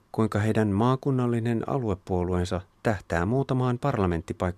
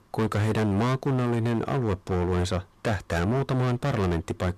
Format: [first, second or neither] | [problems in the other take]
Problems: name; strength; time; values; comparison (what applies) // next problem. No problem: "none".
first | distortion; heavy; 24% of the sound clipped